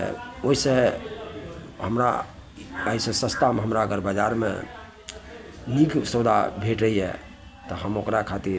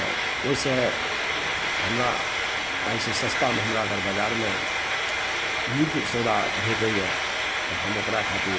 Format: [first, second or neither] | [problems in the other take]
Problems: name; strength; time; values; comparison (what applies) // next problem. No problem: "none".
first | background sound (Frying (food)); 2 dB above the speech